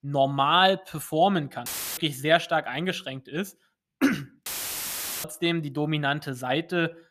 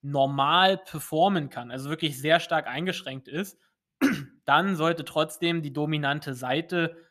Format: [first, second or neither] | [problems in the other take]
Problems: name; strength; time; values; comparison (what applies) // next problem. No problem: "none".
second | audio cutting out; filled with static; at 1.5 s and at 4.5 s for 1 s